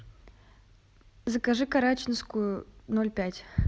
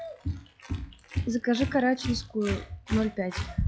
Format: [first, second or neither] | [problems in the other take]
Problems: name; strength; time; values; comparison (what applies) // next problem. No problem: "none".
first | noise reduction (classical method log-MMSE)